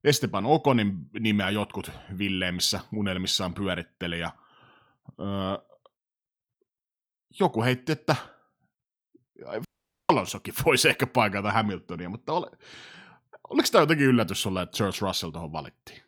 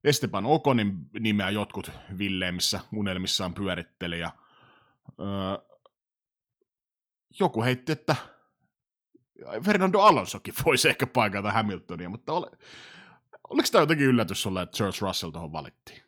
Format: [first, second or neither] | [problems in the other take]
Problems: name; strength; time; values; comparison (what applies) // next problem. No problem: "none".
second | audio cutting out; at 9.5 s